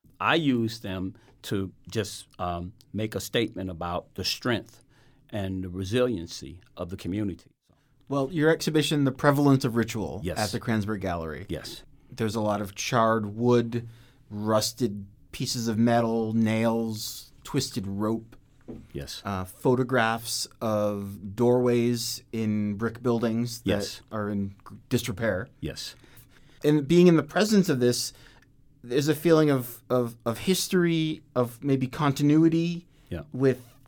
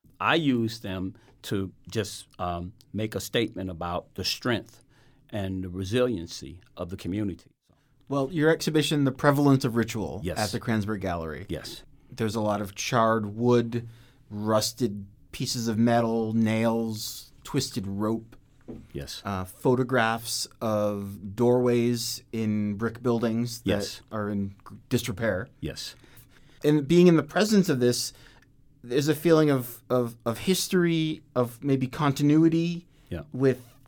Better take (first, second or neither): neither